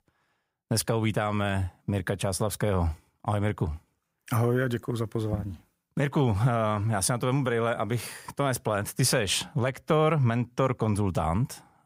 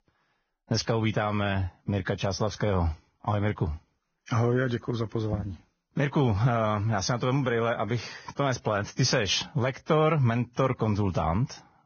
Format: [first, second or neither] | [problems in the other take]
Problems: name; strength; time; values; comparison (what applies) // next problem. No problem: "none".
first | garbled, watery; badly; nothing above 6.5 kHz